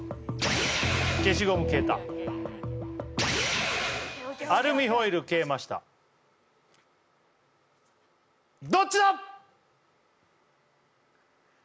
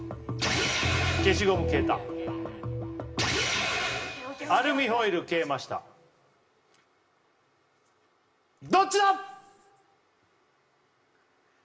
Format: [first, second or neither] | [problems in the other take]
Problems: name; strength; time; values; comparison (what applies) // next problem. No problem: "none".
first | room echo; dies away in 0.9 s